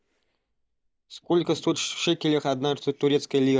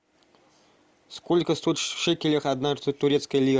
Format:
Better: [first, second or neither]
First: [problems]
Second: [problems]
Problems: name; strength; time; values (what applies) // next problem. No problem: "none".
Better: second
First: noise reduction (neural mask model DeepFilterNet 3)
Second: none